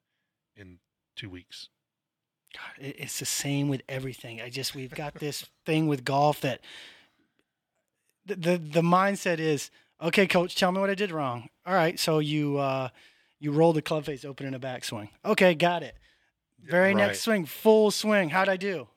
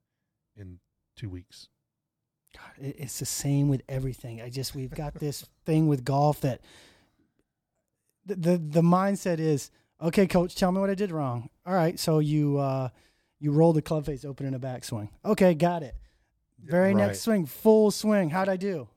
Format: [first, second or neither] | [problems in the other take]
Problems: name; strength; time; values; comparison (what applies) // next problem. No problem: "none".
second | thin; very slightly; fading below 450 Hz